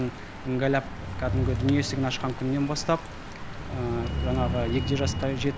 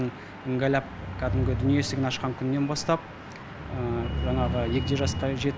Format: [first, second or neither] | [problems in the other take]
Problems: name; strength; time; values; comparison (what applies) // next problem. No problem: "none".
second | background sound (Rain); 13 dB below the speech